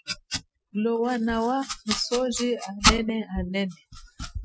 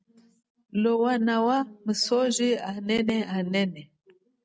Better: second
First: noise reduction (classical method Wiener filter)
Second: none

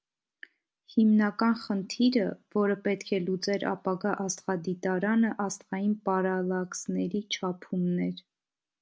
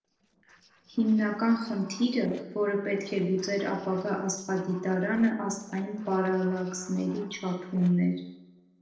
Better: first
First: none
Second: noise reduction (neural separator model SepFormer DNS4)

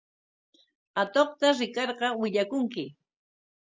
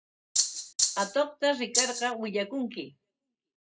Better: first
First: none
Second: background sound (Rattle (instrument)); 4 dB above the speech // room echo; dies away in 0.2 s

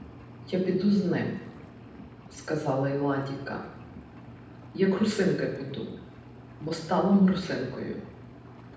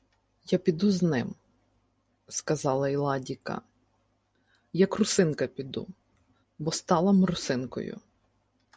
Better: second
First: background sound (Engine); 17 dB below the speech // room echo; dies away in 0.8 s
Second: none

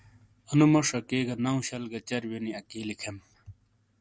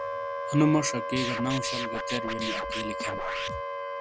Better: first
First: none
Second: background sound (Scratching (performance technique) + Wind instrument, woodwind instrument); 2 dB below the speech

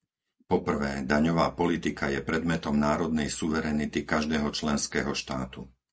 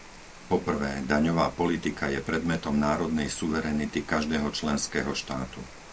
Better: first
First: none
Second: background sound (Rain); 18 dB below the speech

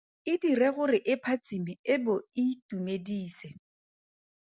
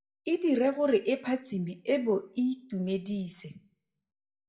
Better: first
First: none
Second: room echo; dies away in 0.4 s

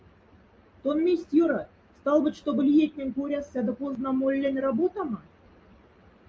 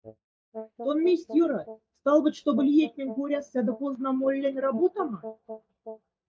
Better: first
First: none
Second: noise reduction (neural mask model DeepFilterNet 3)

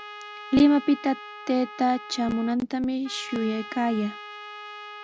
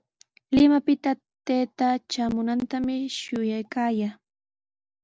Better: second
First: background sound (Trumpet); 15 dB below the speech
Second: none

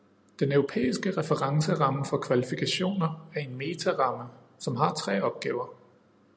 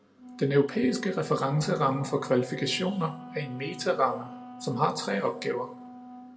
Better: first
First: none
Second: background sound (Wind instrument, woodwind instrument); 15 dB below the speech // room echo; dies away in 0.5 s

